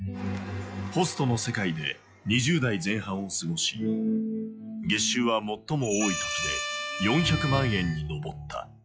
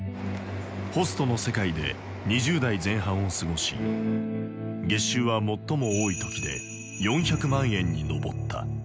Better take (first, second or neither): second